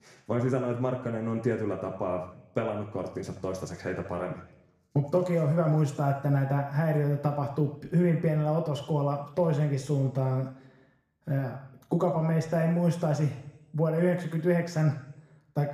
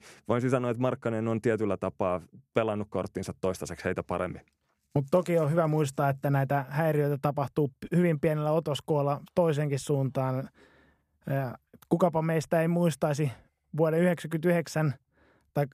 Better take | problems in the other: second | room echo; slight; dies away in 0.7 s // off-mic speech; somewhat distant

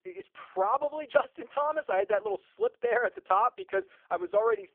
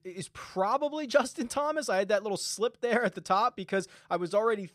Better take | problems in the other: second | phone-call audio; poor line

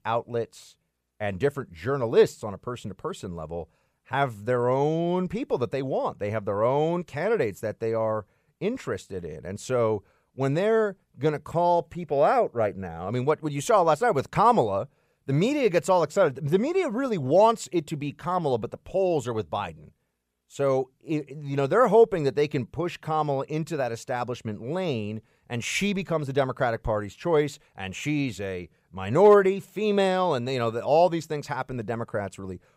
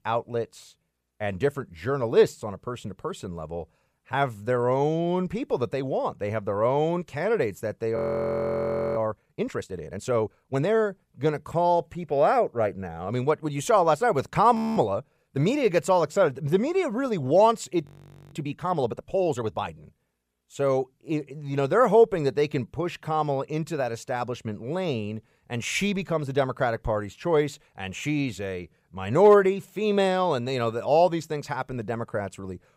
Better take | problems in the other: first | audio freezing; at 8 s for 1 s, at 15 s and at 18 s

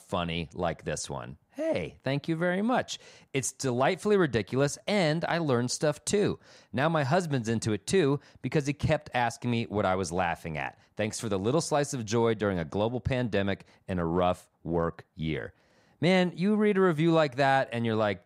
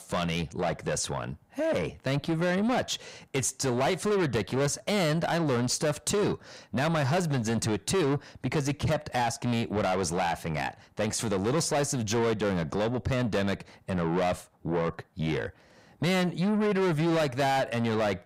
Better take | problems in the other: first | distortion; heavy; 7 dB below the speech

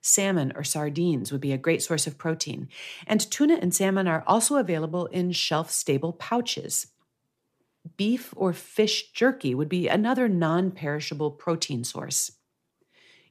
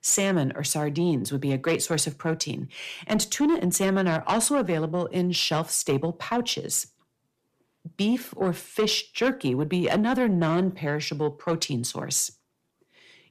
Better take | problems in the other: first | distortion; slight; 10 dB below the speech

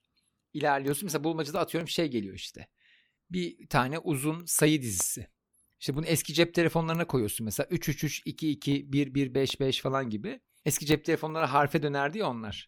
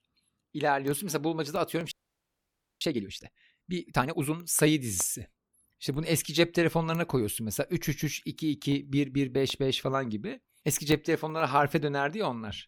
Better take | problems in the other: first | audio freezing; at 2 s for 1 s

